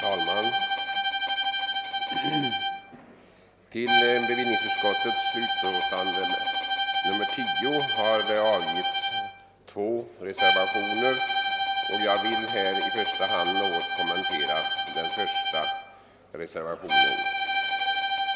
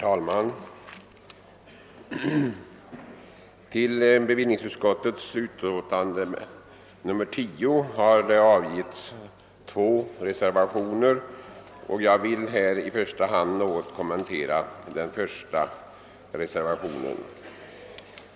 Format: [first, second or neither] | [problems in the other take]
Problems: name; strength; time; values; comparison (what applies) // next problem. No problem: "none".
second | background sound (Bowed string instrument); 4 dB above the speech